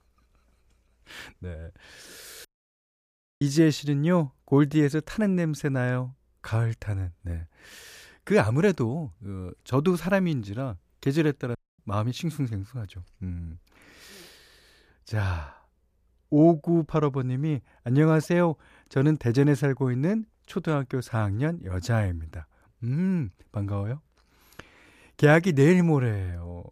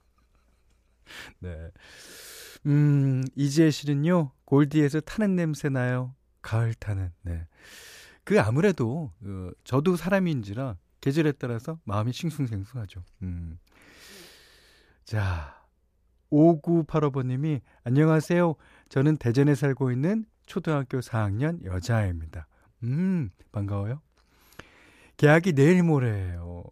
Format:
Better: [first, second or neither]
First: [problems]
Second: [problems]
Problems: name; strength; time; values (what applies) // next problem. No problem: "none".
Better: second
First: audio cutting out; at 2.5 s for 1 s and at 12 s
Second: none